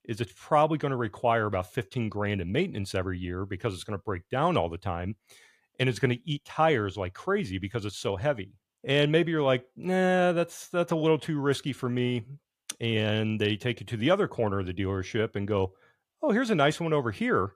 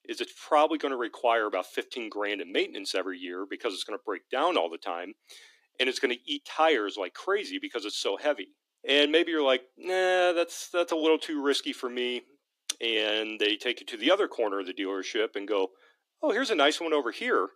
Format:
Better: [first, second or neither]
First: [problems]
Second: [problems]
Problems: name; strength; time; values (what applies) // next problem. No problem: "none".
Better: first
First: none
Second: thin; somewhat; fading below 300 Hz